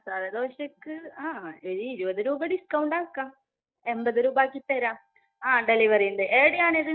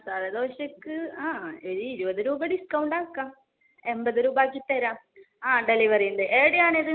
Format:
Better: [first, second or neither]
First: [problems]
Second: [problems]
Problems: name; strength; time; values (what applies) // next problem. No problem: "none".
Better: second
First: noise reduction (neural mask model DeepFilterNet 3)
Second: none